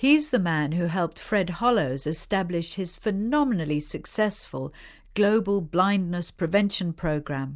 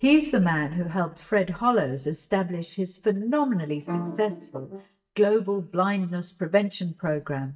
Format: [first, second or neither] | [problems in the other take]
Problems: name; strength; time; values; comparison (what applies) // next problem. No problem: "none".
first | noise reduction (neural mask model DeepFilterNet 3)